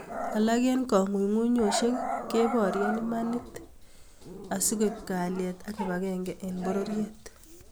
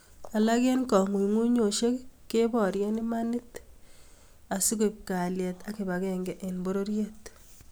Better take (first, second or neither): second